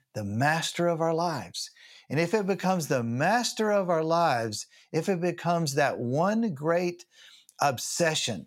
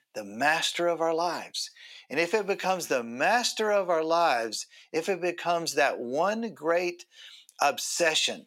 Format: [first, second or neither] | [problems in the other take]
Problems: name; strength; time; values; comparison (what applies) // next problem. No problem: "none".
first | thin; somewhat; fading below 300 Hz